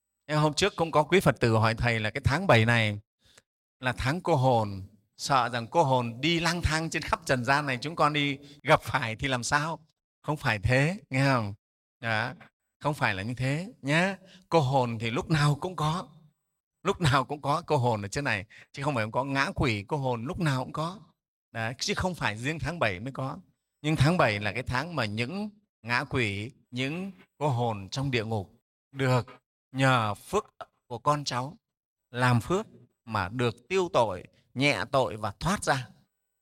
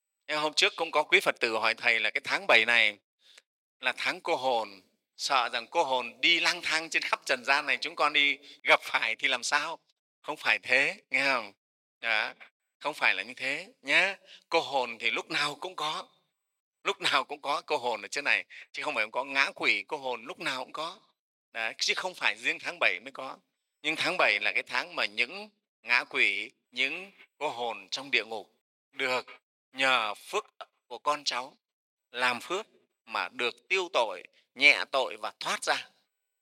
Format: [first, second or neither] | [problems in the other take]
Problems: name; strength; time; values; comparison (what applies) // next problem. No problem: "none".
first | thin; very; fading below 350 Hz